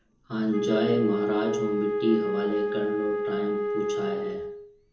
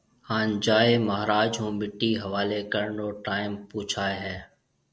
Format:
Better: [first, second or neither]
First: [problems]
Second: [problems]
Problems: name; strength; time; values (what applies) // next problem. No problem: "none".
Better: second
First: background sound (Wind instrument, woodwind instrument); as loud as the speech // room echo; dies away in 0.5 s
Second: none